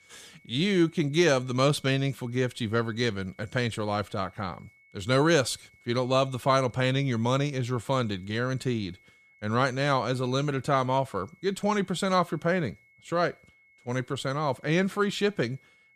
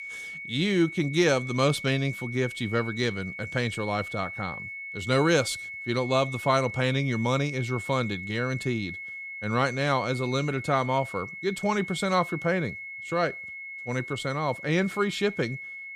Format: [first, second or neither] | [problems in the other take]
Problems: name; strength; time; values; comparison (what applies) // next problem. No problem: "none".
first | high-pitched whine; loud; throughout; 2 kHz, 9 dB below the speech; faint in the first